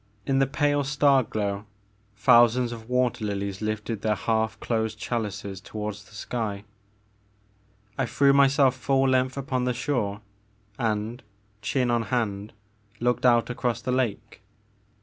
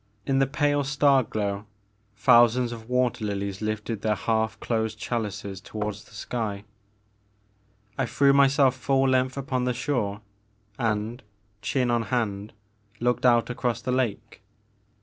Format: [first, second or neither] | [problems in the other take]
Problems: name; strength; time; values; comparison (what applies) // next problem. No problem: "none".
first | noise reduction (neural separator model SepFormer DNS4)